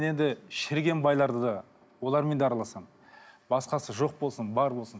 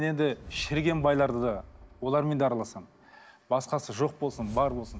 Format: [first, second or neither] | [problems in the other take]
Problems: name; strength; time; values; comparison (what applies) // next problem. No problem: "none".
first | background sound (Whoosh, swoosh, swish); 18 dB below the speech